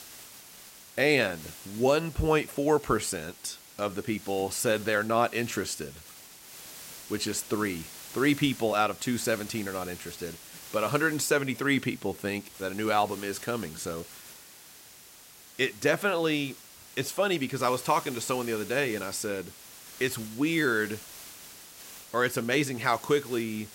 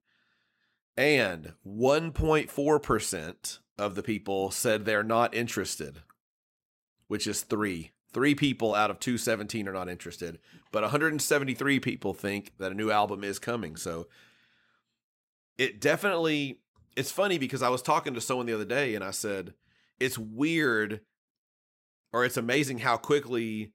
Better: second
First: hiss; noticeable; throughout; 15 dB below the speech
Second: none

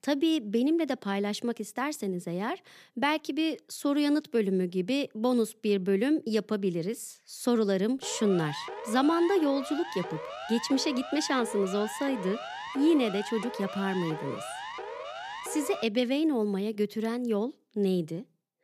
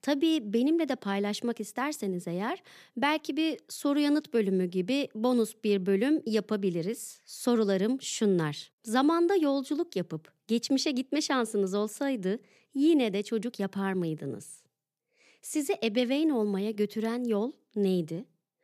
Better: second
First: siren; noticeable; from 8 to 16 s; peak 9 dB below the speech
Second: none

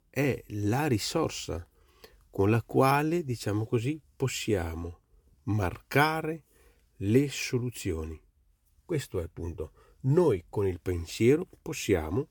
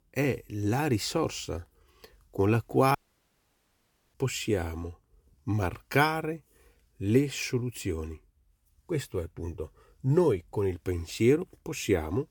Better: first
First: none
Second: audio cutting out; at 3 s for 1 s

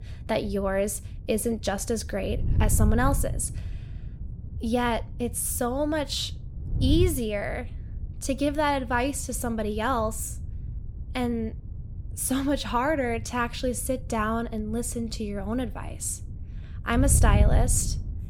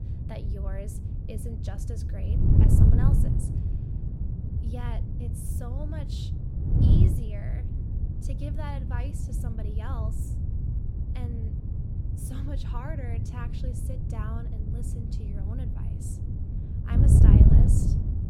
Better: first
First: wind noise on the microphone; occasional gusts; 20 dB below the speech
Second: wind noise on the microphone; heavy; 4 dB above the speech

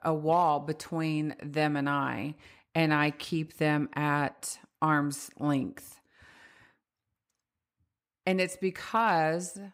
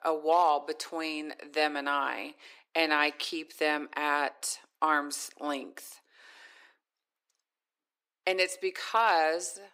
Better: first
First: none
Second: thin; somewhat; fading below 350 Hz

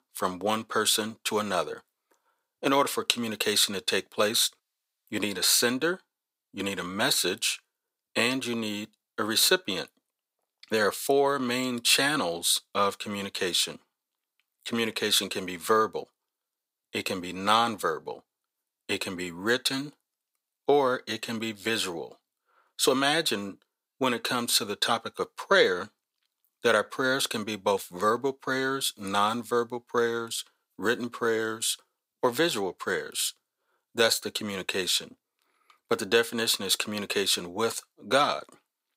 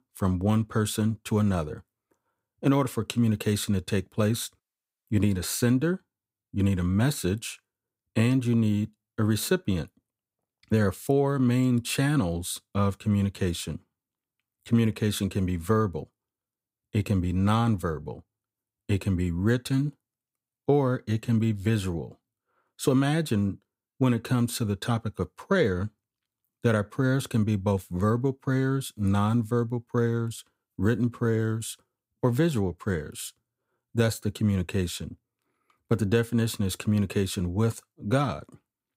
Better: second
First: thin; very; fading below 550 Hz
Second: none

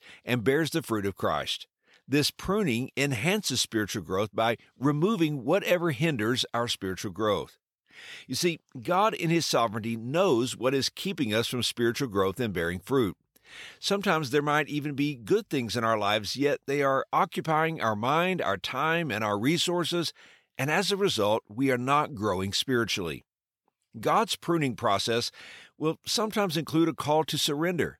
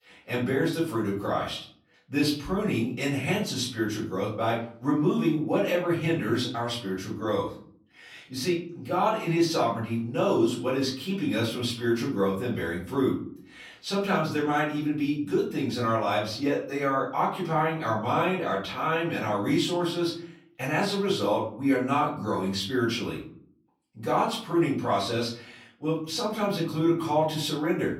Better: first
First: none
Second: off-mic speech; far // room echo; slight; dies away in 0.5 s

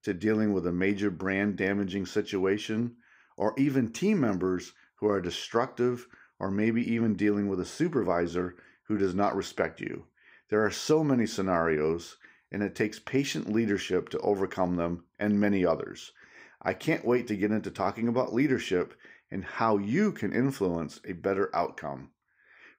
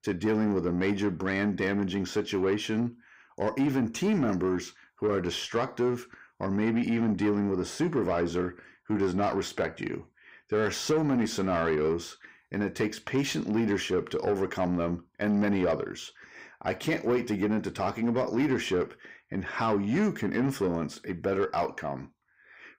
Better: first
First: none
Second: distortion; slight; 10 dB below the speech

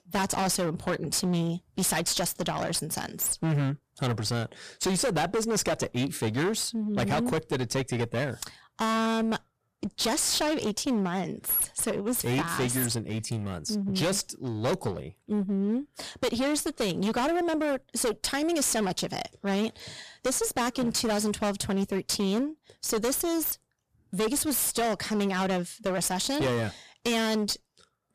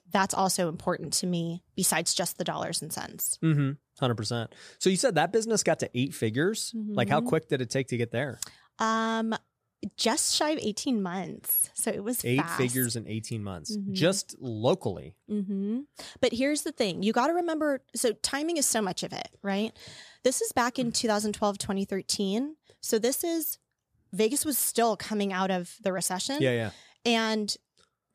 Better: second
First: distortion; heavy; 22% of the sound clipped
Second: none

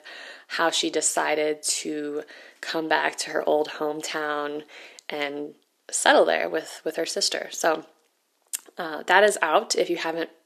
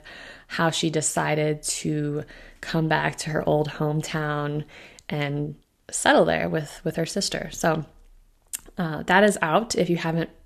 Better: second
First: thin; somewhat; fading below 300 Hz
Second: none

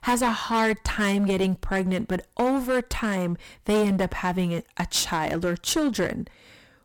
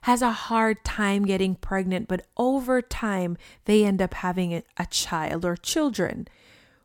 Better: second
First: distortion; heavy; 11% of the sound clipped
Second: none

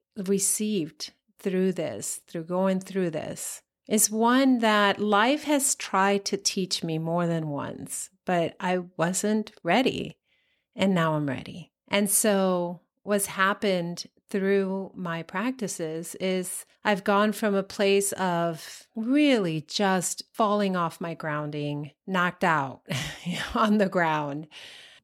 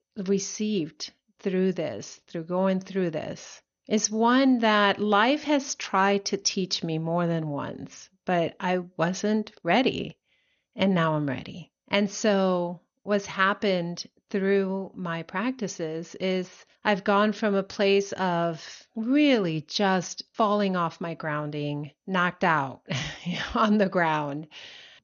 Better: first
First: none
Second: garbled, watery; slightly; nothing above 6.5 kHz

